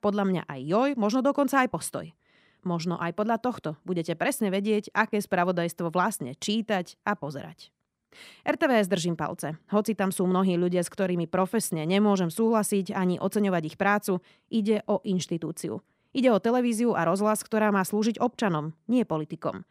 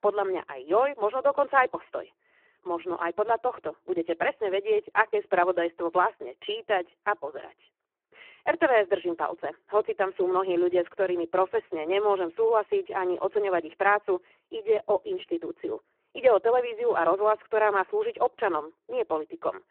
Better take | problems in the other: first | phone-call audio; poor line

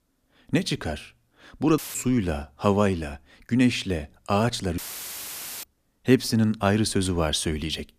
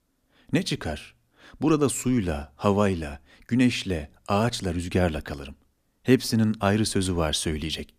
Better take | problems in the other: second | audio cutting out; filled with static; at 2 s and at 5 s for 1 s

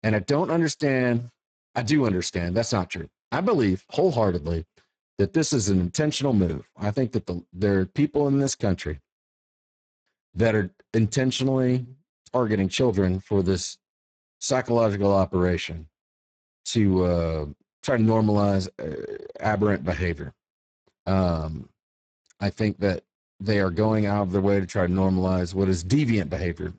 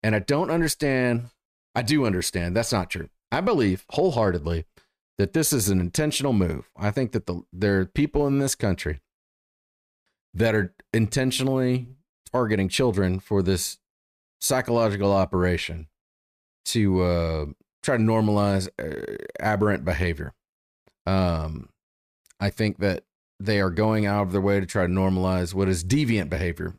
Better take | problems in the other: second | garbled, watery; badly; nothing above 7.5 kHz

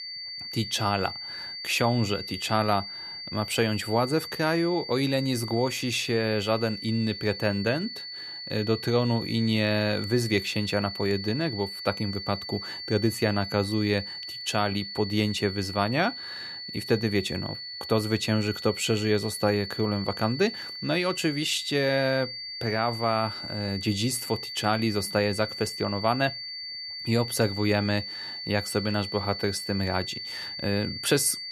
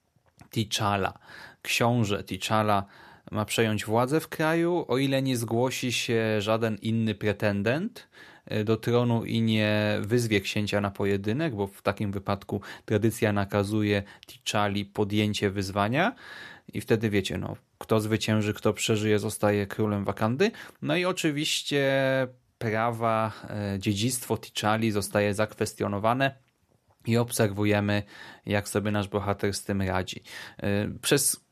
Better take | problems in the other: second | high-pitched whine; loud; throughout; 4.5 kHz, 7 dB below the speech

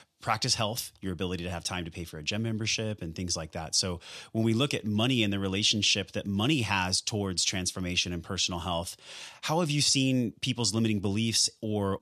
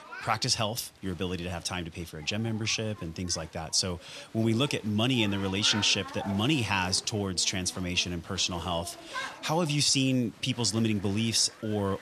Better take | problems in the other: first | crowd noise; noticeable; throughout; 15 dB below the speech

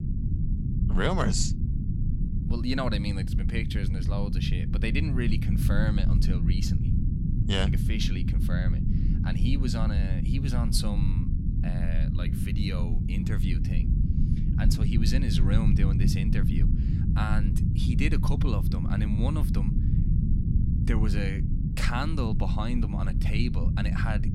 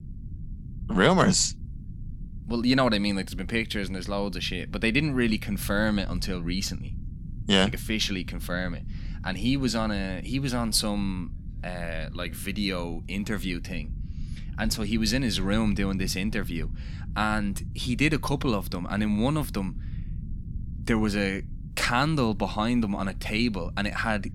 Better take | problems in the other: second | low rumble; loud; throughout; 4 dB below the speech; faint in the second

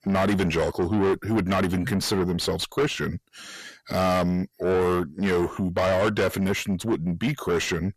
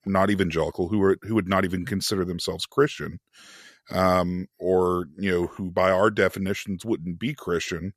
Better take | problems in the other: second | distortion; heavy; 6 dB below the speech

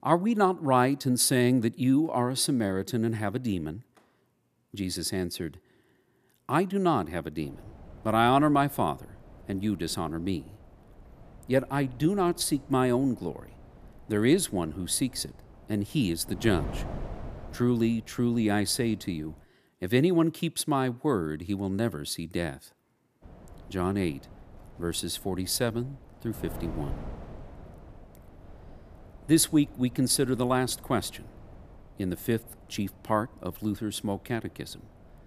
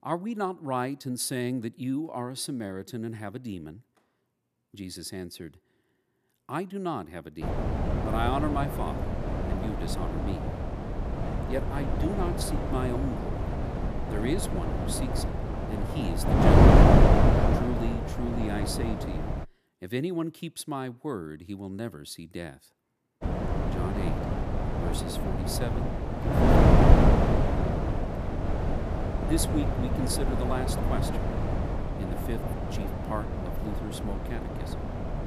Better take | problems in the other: first | wind noise on the microphone; heavy; from 7.5 to 19 s and from 23 s on; 5 dB above the speech; occasional gusts in the first

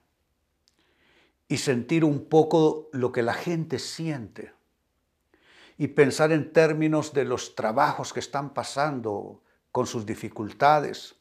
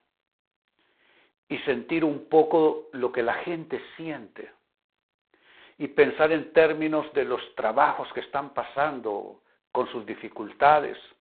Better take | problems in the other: first | phone-call audio; poor line; nothing above 4 kHz

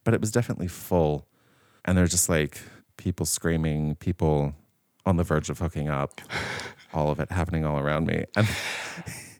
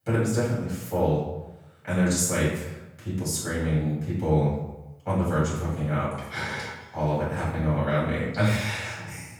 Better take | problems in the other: first | off-mic speech; far // room echo; noticeable; dies away in 0.8 s

